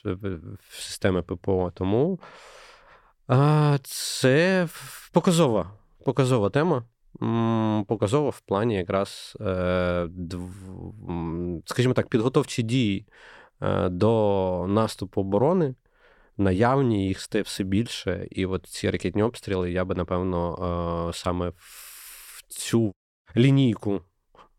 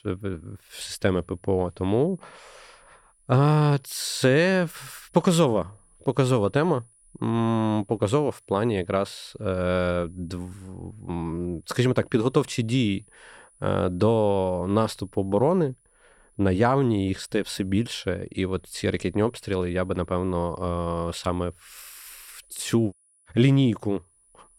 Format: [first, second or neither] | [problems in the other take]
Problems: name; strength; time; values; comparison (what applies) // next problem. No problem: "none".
first | high-pitched whine; faint; throughout; 10 kHz, 35 dB below the speech